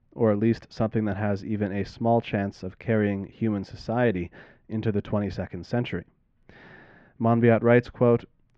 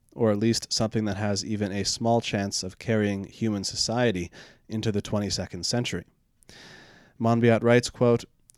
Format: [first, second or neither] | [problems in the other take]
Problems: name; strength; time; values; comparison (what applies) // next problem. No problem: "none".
second | muffled; very; fading above 2.5 kHz